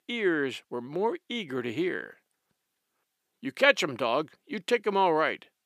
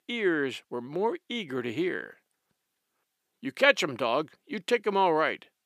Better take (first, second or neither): neither